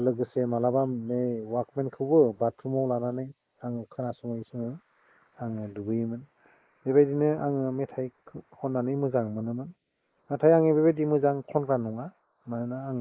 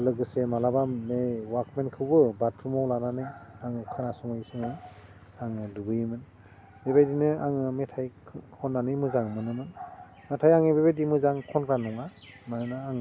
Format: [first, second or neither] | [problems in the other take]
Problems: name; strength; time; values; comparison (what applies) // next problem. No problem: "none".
second | noise reduction (neural mask model Resemble Enhance denoiser)